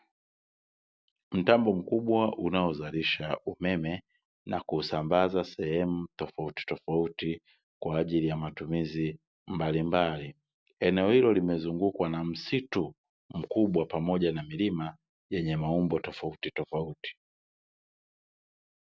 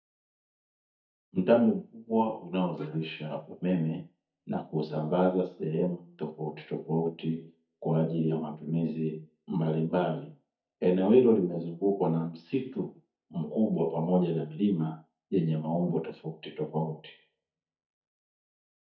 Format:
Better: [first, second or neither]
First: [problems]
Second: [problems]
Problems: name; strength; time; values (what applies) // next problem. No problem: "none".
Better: first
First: none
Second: noise reduction (neural mask model DeepFilterNet 3)